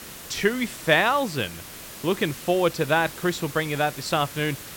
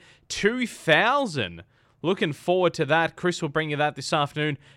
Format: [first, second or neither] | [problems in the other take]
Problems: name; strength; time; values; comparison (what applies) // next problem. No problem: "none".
second | hiss; noticeable; throughout; 15 dB below the speech